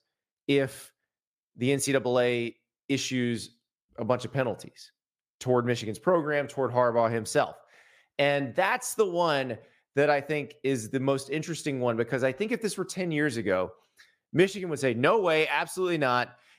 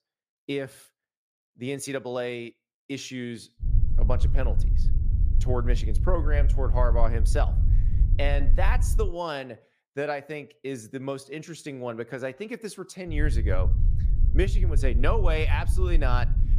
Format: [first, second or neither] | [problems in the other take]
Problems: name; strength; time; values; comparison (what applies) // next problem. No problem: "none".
first | low rumble; noticeable; from 3.5 to 9 s and from 13 s on; 10 dB below the speech